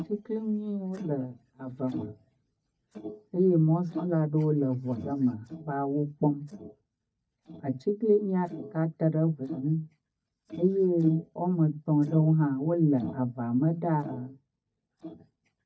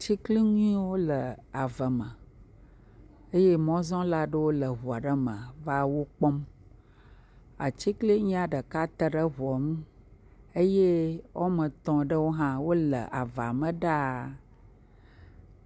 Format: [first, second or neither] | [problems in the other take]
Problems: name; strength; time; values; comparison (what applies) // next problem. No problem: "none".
second | noise reduction (neural mask model DeepFilterNet 3)